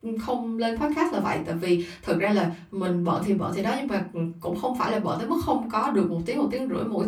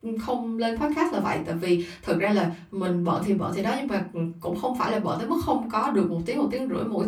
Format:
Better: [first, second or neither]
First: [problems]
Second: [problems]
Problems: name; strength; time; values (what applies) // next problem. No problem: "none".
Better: neither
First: off-mic speech; far // room echo; very slight; dies away in 0.3 s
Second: off-mic speech; far // room echo; very slight; dies away in 0.3 s